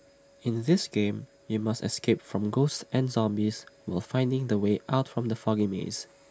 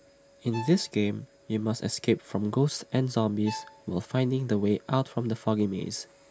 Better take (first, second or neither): first